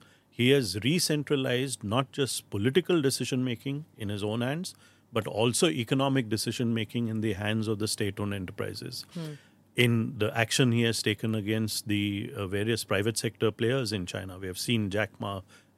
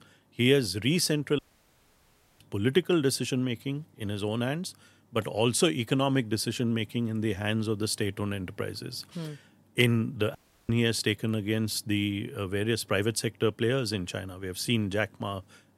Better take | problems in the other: first | audio cutting out; at 1.5 s for 1 s and at 10 s

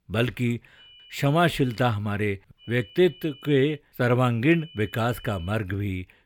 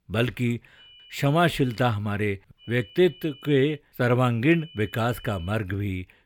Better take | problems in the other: neither | high-pitched whine; faint; from 1 to 2 s, from 2.5 to 4 s and from 4.5 to 5.5 s; 3 kHz, 25 dB below the speech; the same in both

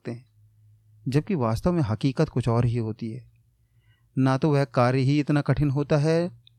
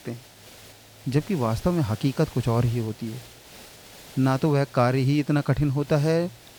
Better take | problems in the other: first | hiss; faint; throughout; 20 dB below the speech

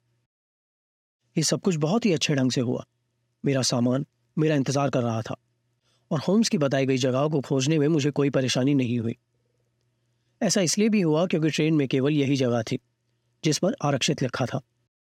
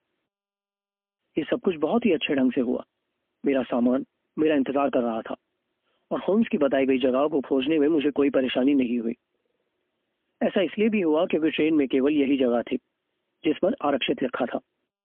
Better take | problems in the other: first | phone-call audio; poor line; nothing above 3.5 kHz

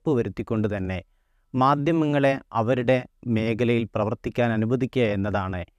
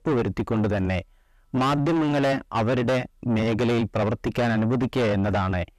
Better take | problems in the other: first | distortion; heavy; 6 dB below the speech

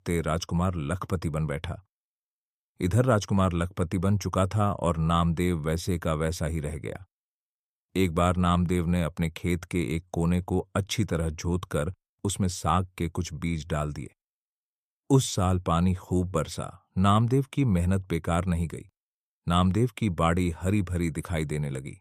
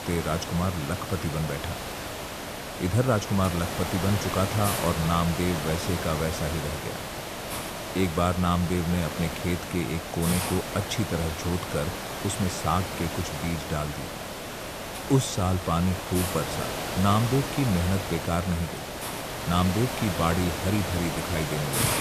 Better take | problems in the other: first | hiss; loud; throughout; 4 dB below the speech

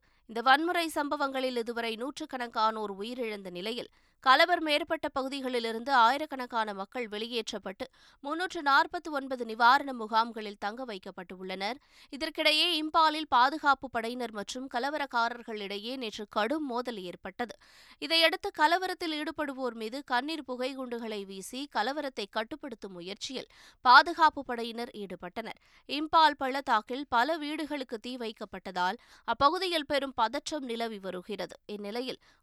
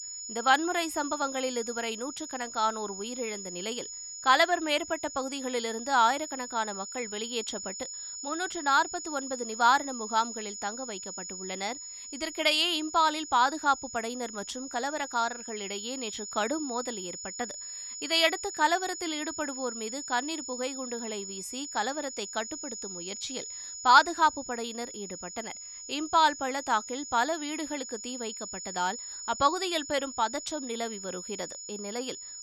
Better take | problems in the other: first | high-pitched whine; loud; throughout; 7 kHz, 9 dB below the speech

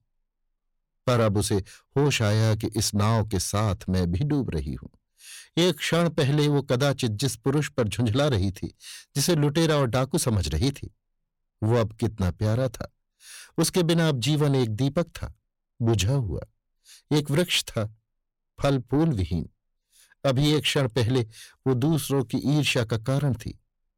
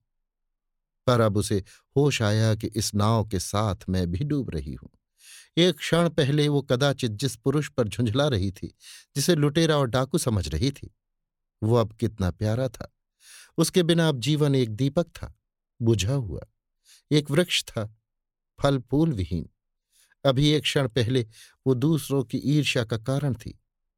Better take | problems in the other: second | distortion; slight; 10 dB below the speech

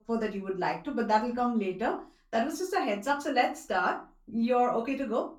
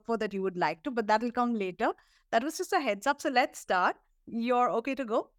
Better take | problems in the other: second | off-mic speech; far // room echo; very slight; dies away in 0.3 s

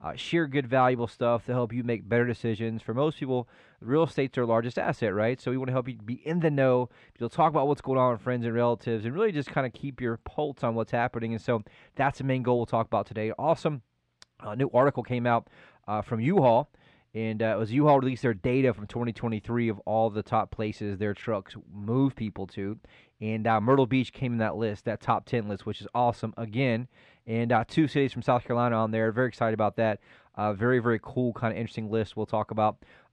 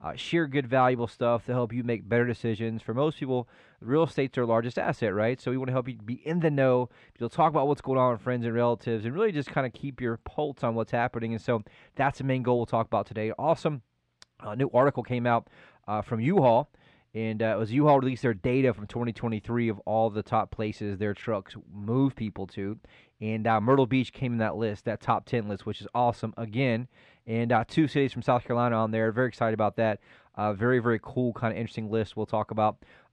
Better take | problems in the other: neither | muffled; slightly; fading above 3.5 kHz; the same in both

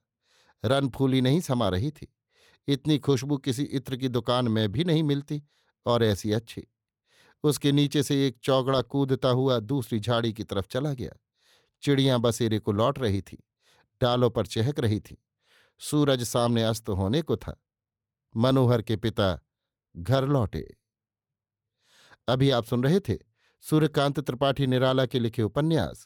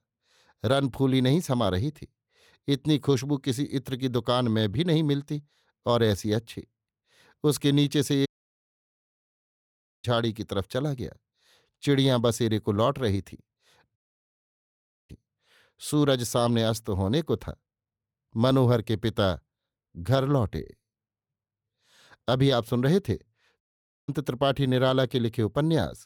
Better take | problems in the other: first | audio cutting out; at 8.5 s for 2 s, at 14 s for 1 s and at 24 s

